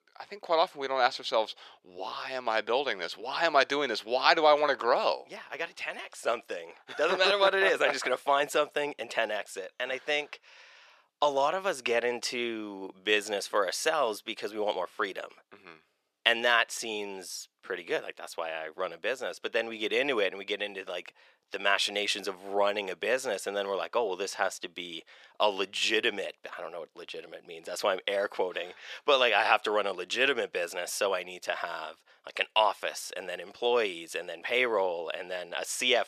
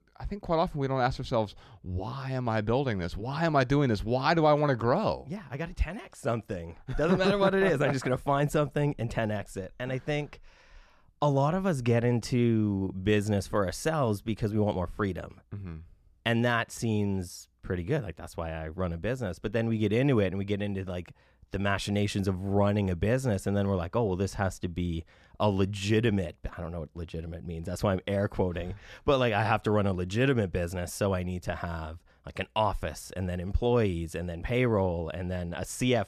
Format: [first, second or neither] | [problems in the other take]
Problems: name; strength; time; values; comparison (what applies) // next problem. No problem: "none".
second | thin; very; fading below 450 Hz